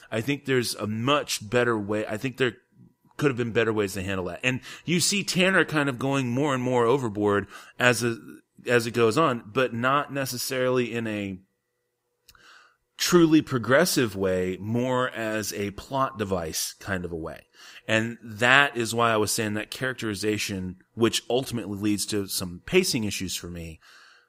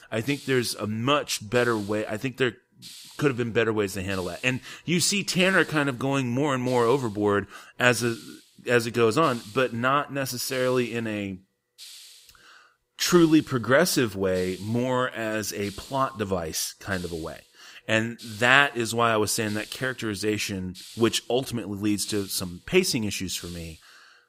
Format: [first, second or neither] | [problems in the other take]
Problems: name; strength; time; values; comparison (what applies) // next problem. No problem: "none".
first | hiss; noticeable; throughout; 20 dB below the speech